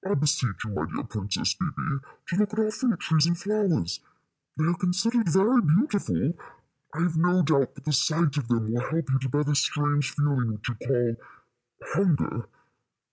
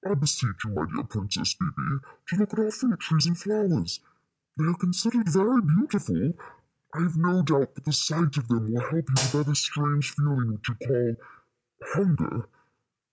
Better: first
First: none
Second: background sound (Hi-hat); 5 dB below the speech

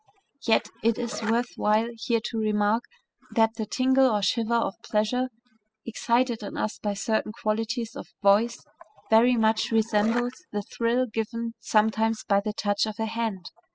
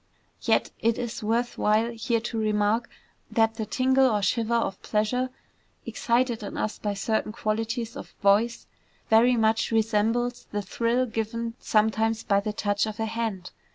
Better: second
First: noise reduction (classical method spectral subtraction)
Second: none

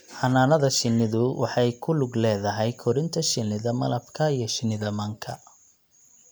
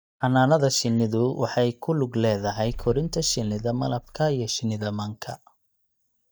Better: first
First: none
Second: noise reduction (neural mask model DeepFilterNet 3)

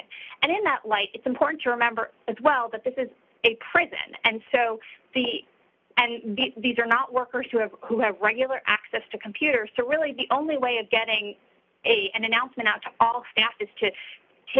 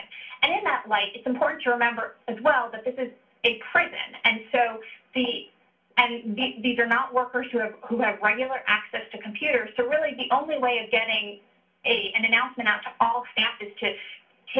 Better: first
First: none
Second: room echo; dies away in 0.3 s

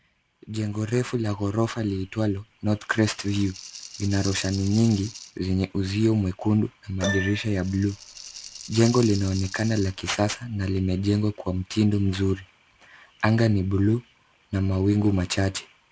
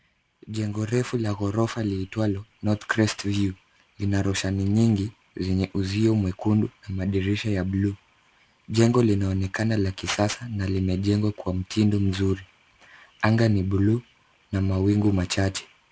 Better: second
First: background sound (Rattle (instrument) + Keyboard (musical)); 13 dB below the speech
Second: none

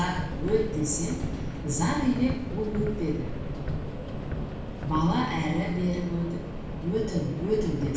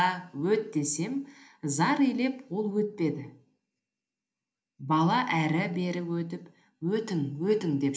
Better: second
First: background sound (Subway, metro, underground); 4 dB below the speech // room echo; dies away in 0.7 s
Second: none

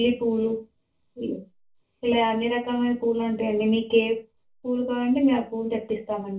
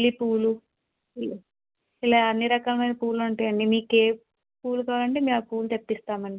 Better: second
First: room echo; dies away in 0.2 s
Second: none

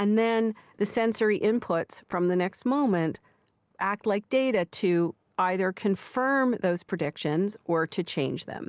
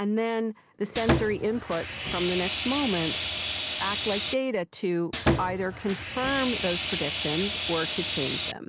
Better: first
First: none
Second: background sound (Sawing); 1 dB below the speech

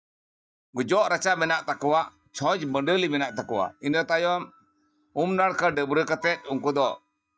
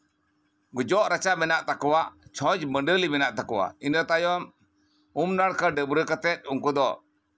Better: second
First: noise reduction (neural mask model DeepFilterNet 3)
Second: none

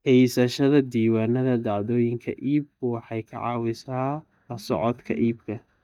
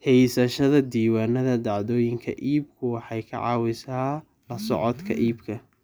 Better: second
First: noise reduction (neural mask model DeepFilterNet 3)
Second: none

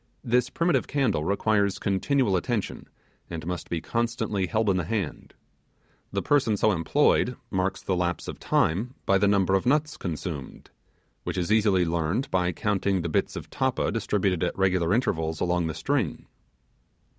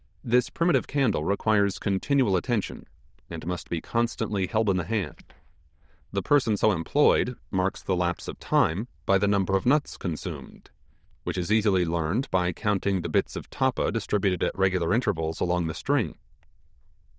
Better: first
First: none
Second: noise reduction (neural diffusion model UNIVERSE++)

